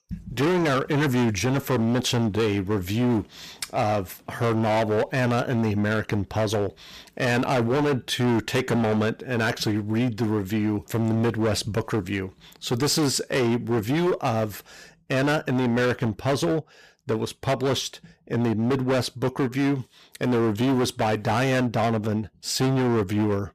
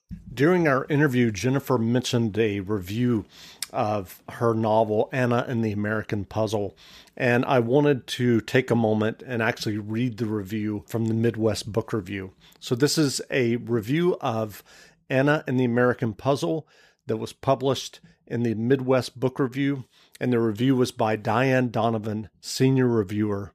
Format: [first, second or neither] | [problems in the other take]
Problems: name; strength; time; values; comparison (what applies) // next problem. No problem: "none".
second | distortion; heavy; 20% of the sound clipped